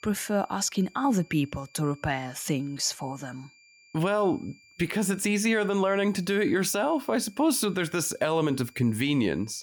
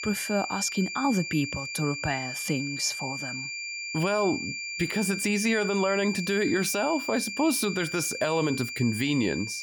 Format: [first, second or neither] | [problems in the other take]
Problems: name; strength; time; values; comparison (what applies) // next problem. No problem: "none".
first | high-pitched whine; loud; throughout; 2.5 kHz, 5 dB below the speech; faint in the first